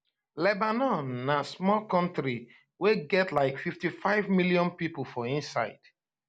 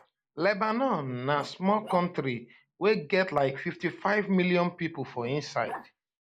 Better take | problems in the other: first | noise reduction (neural mask model Resemble Enhance denoiser)

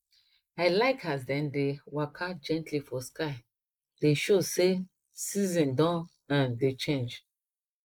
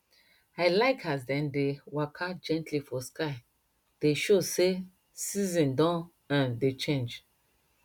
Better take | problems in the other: second | noise reduction (neural mask model Resemble Enhance denoiser)

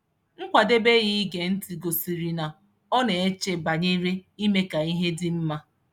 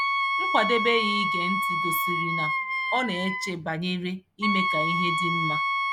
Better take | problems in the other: first | background sound (Wind instrument, woodwind instrument); 3 dB above the speech

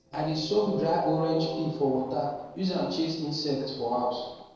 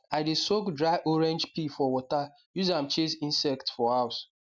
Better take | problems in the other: second | noise reduction (neural separator model SepFormer DNS4)

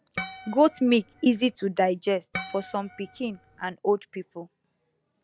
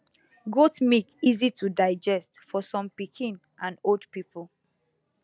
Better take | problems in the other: second | background sound (Harp); 13 dB below the speech

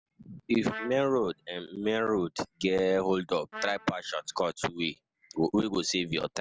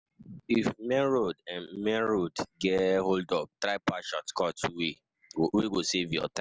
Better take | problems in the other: second | background sound (Trumpet); 14 dB below the speech

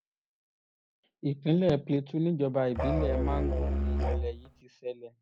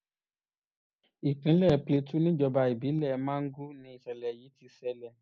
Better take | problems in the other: second | background sound (Musical instrument); 2 dB above the speech

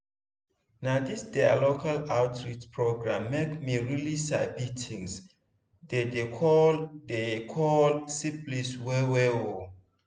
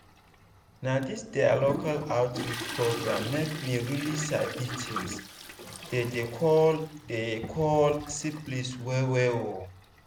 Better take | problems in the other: first | background sound (Toilet flush); 12 dB below the speech

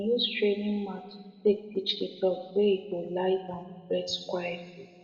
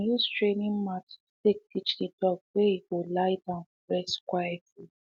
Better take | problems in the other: second | room echo; dies away in 1.7 s

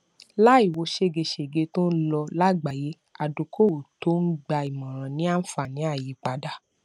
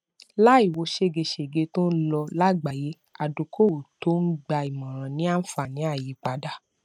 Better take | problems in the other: first | noise reduction (neural mask model RNNoise)

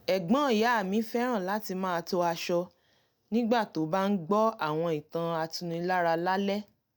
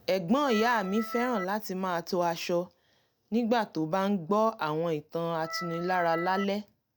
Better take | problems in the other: first | background sound (Organ); 9 dB below the speech

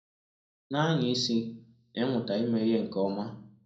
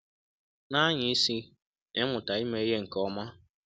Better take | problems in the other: second | room echo; dies away in 0.6 s

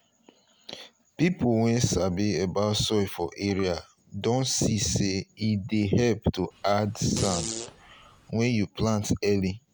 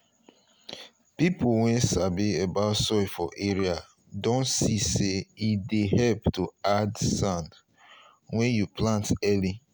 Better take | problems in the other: second | background sound (Fart); 11 dB below the speech

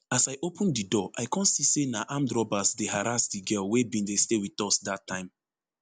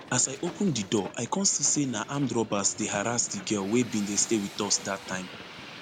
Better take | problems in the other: first | background sound (Hiss); 15 dB below the speech

